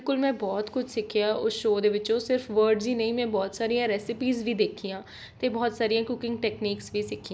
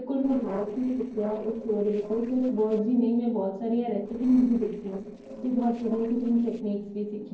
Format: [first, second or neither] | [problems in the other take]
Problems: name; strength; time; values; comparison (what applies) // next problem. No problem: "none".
first | noise reduction (neural separator model SepFormer DNS4)